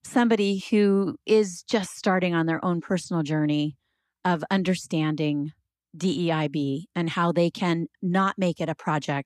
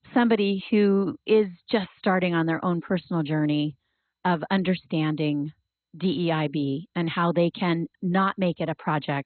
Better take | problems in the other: first | garbled, watery; badly; nothing above 4 kHz

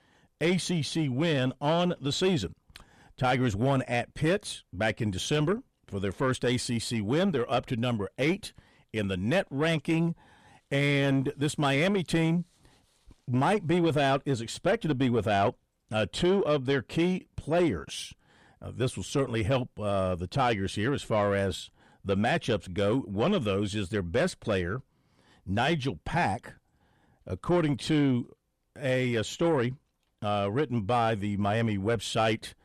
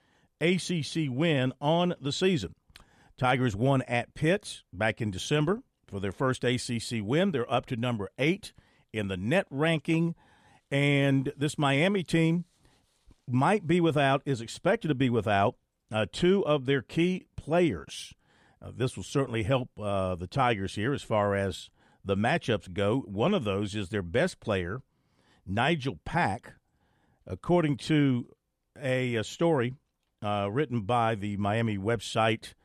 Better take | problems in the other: second | distortion; slight; 10 dB below the speech

